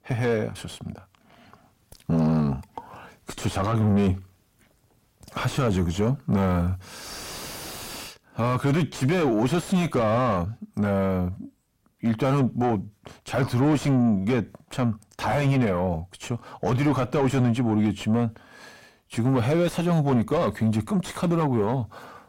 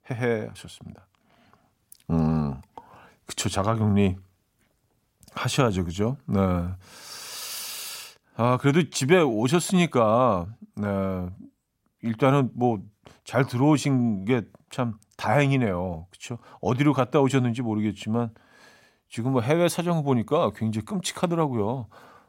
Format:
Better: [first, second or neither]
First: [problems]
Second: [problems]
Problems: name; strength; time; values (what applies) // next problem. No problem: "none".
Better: second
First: distortion; heavy; 6 dB below the speech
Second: none